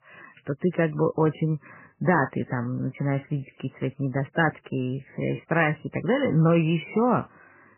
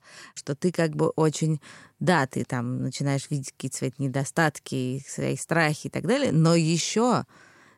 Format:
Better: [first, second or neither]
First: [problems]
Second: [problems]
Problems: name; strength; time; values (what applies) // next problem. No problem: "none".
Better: second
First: garbled, watery; badly; nothing above 3 kHz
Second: none